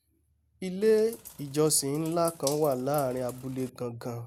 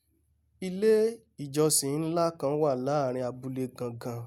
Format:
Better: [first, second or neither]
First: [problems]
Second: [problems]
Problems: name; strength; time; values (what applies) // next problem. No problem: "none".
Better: second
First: background sound (Bathtub (filling or washing)); 16 dB below the speech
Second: none